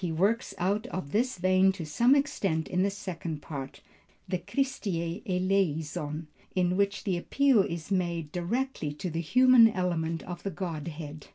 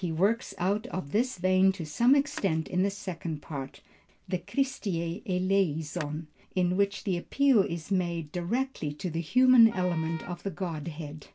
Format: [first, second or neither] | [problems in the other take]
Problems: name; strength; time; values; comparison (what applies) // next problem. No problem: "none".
first | background sound (Telephone + Wind instrument, woodwind instrument); 20 dB below the speech